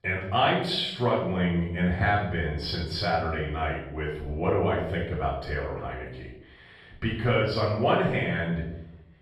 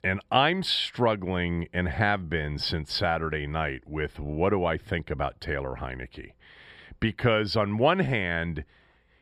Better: second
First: off-mic speech; far // room echo; noticeable; dies away in 0.7 s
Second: none

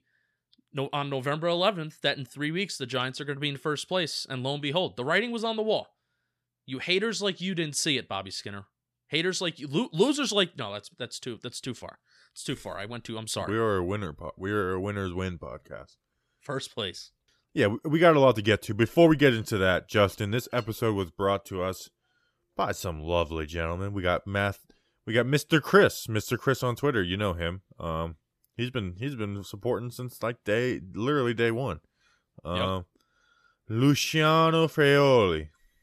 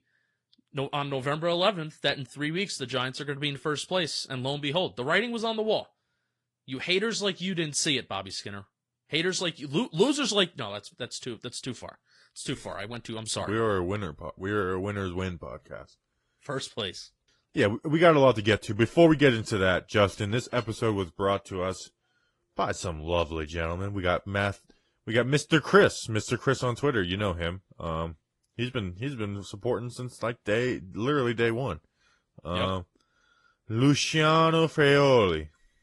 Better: first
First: none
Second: garbled, watery; slightly; nothing above 10.5 kHz

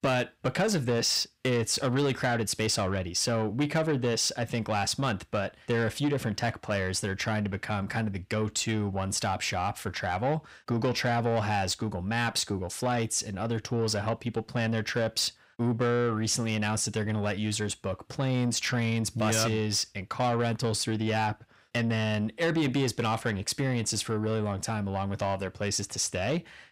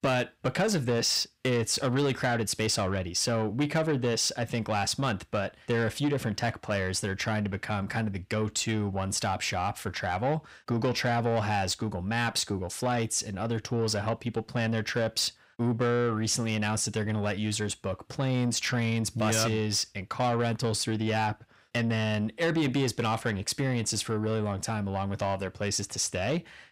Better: neither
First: distortion; slight; 10 dB below the speech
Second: distortion; slight; 10 dB below the speech

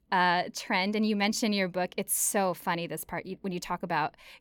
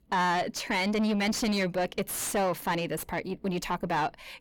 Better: first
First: none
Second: distortion; heavy; 6 dB below the speech

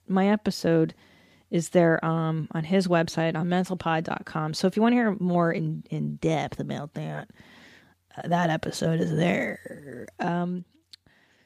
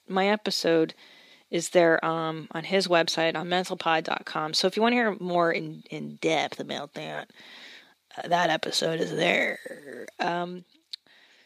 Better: first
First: none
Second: thin; somewhat; fading below 350 Hz

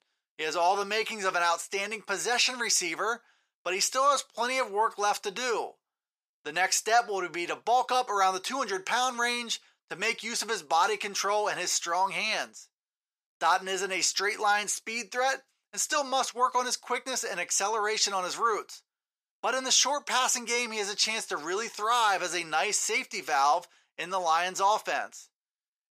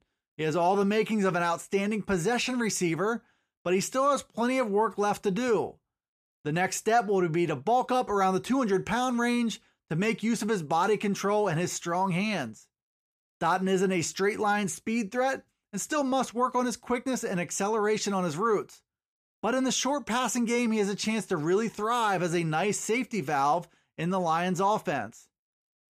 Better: second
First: thin; very; fading below 650 Hz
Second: none

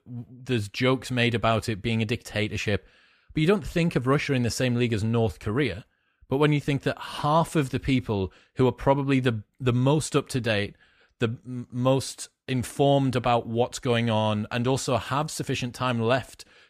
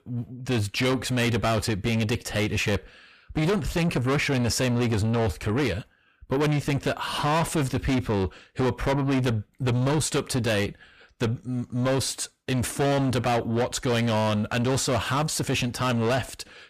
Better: first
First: none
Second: distortion; heavy; 6 dB below the speech

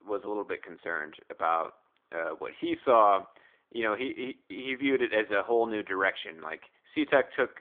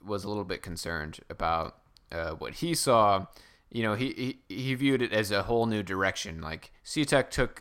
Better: second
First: phone-call audio; nothing above 3.5 kHz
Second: none

